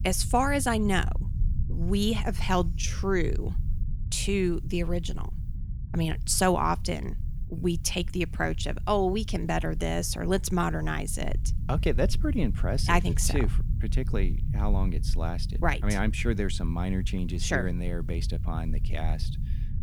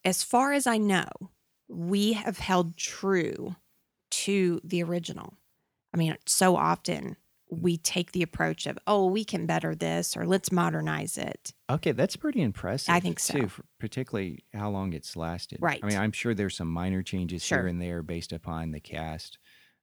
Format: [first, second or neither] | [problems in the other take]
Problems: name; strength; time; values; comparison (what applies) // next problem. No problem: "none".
second | low rumble; noticeable; throughout; 20 dB below the speech